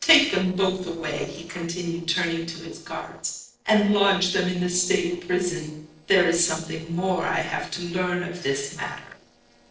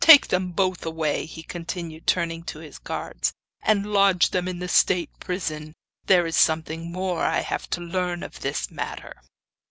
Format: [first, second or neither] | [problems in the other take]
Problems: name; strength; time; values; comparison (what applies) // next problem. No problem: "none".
second | noise reduction (neural separator model SepFormer DNS4)